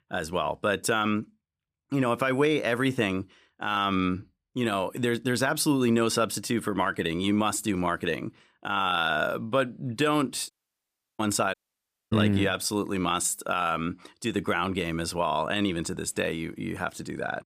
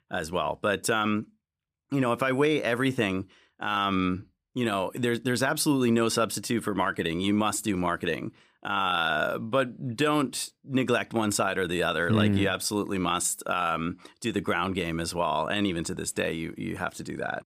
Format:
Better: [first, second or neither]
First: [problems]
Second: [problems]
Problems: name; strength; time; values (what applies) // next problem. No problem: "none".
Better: second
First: audio cutting out; at 11 s for 0.5 s and at 12 s for 0.5 s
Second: none